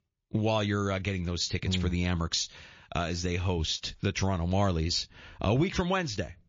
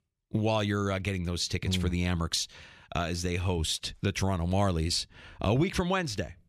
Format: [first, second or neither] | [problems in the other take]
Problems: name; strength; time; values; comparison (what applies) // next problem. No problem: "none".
second | garbled, watery; slightly; nothing above 6.5 kHz